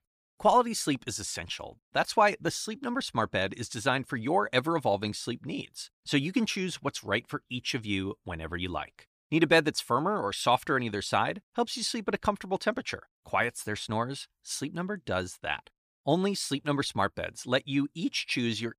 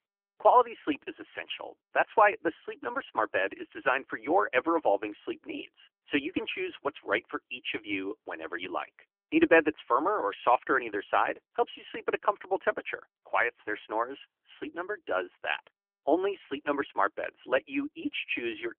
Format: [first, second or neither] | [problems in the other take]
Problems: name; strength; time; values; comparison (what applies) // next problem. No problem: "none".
first | phone-call audio; nothing above 3 kHz